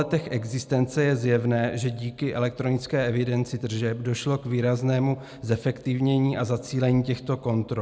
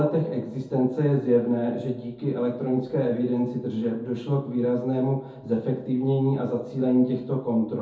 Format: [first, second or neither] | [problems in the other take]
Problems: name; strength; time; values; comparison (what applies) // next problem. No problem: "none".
first | room echo; dies away in 0.5 s